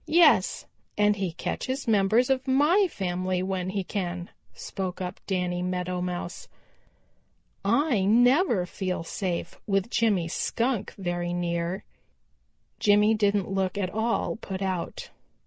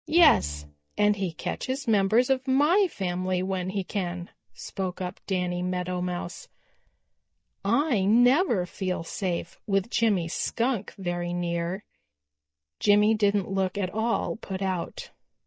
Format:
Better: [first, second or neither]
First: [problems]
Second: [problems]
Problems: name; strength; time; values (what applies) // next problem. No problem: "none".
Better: first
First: none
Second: noise reduction (neural mask model DeepFilterNet 3)